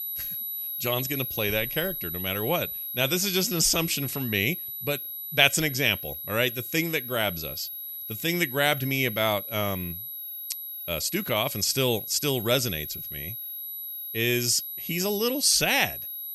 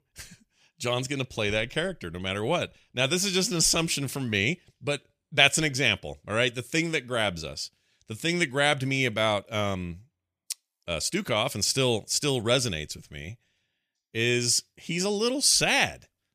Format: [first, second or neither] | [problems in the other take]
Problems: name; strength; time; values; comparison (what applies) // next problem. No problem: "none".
second | high-pitched whine; loud; throughout; 12 kHz, 7 dB below the speech